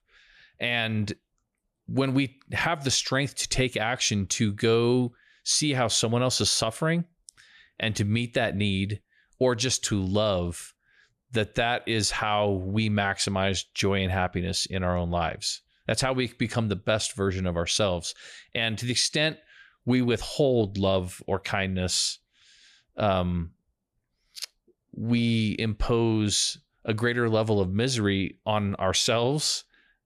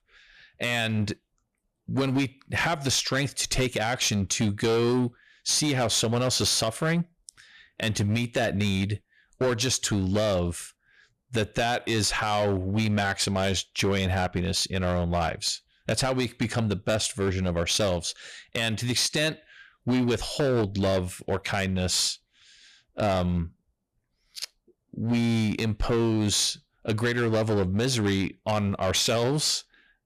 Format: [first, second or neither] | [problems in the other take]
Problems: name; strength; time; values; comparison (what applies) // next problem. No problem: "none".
first | distortion; slight; 10% of the sound clipped